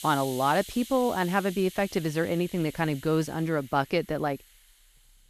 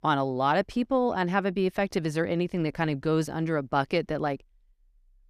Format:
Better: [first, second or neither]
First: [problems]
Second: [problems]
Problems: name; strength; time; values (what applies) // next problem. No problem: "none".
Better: second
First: hiss; noticeable; throughout; 15 dB below the speech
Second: none